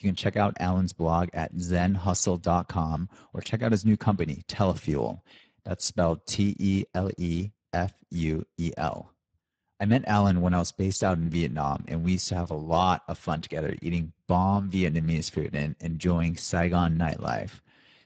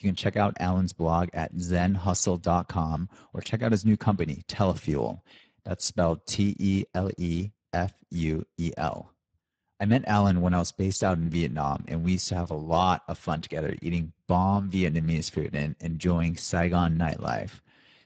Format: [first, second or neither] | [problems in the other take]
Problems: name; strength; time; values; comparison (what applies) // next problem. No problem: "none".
neither | garbled, watery; badly; nothing above 7.5 kHz; the same in both